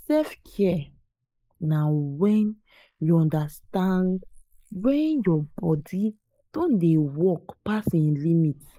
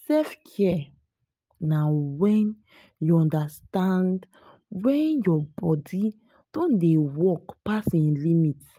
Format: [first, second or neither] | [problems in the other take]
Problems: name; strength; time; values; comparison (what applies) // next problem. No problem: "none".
second | noise reduction (neural mask model Resemble Enhance denoiser)